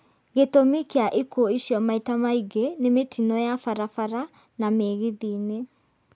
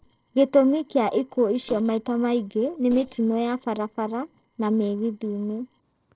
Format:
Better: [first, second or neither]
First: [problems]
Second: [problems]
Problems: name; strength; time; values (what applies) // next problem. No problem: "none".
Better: first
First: none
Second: noise reduction (neural separator model SepFormer DNS4)